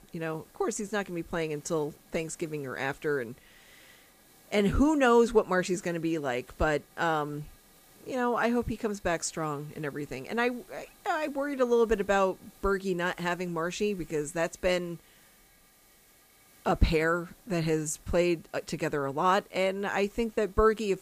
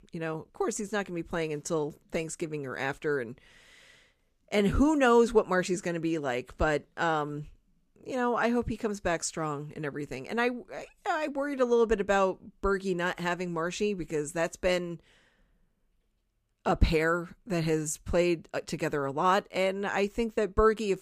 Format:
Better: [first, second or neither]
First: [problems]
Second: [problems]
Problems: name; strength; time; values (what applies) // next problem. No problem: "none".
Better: second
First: hiss; faint; throughout; 25 dB below the speech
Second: none